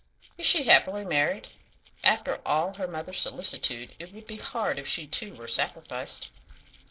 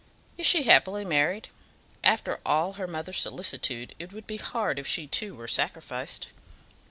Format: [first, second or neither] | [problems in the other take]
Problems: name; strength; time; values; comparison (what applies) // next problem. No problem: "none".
second | noise reduction (neural separator model SepFormer DNS4)